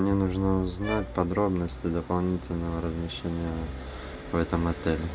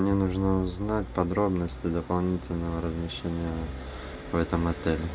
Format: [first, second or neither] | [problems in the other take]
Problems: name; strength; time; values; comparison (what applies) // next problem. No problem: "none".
second | background sound (Bowed string instrument); 16 dB below the speech